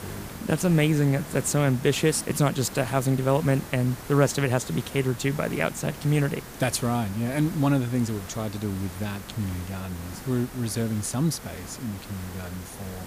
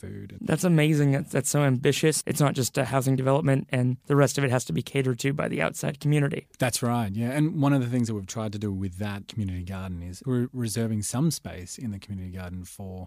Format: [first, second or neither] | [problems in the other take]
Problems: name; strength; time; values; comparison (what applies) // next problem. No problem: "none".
second | hiss; noticeable; throughout; 15 dB below the speech